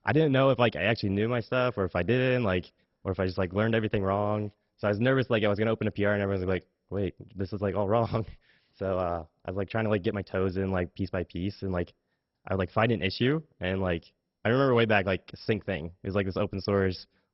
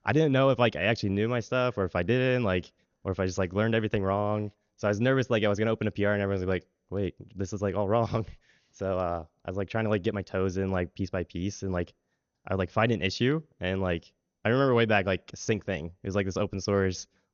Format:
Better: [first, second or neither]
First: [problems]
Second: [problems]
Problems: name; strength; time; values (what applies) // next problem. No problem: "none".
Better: second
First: garbled, watery; badly; nothing above 5.5 kHz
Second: garbled, watery; slightly; nothing above 6.5 kHz